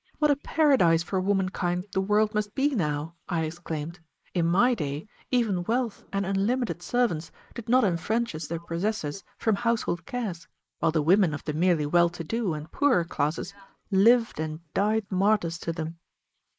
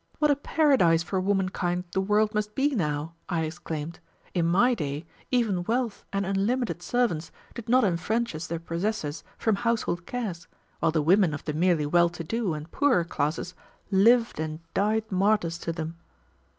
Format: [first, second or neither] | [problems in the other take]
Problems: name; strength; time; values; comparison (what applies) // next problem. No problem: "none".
second | noise reduction (neural mask model Resemble Enhance denoiser)